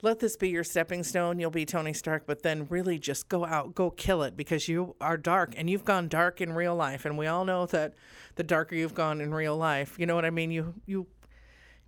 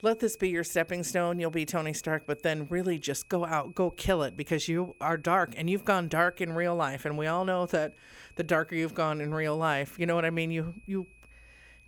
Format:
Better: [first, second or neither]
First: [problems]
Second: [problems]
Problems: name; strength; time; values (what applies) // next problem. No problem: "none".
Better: first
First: none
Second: high-pitched whine; faint; throughout; 2.5 kHz, 30 dB below the speech